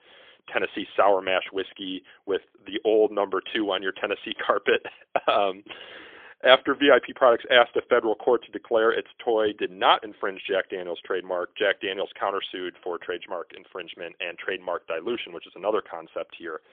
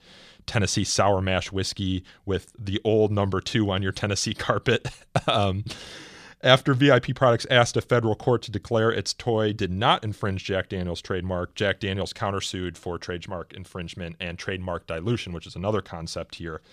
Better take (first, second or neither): second